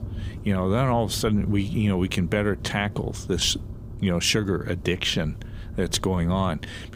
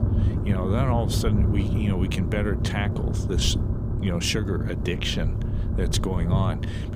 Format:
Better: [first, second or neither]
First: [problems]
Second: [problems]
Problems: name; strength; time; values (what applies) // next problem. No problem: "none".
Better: first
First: low rumble; faint; throughout; 20 dB below the speech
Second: low rumble; loud; throughout; 7 dB below the speech